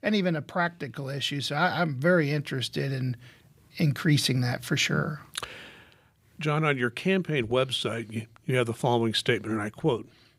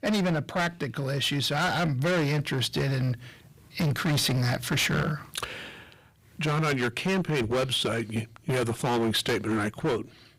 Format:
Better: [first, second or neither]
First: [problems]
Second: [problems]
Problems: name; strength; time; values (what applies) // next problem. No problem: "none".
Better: first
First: none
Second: distortion; heavy; 20% of the sound clipped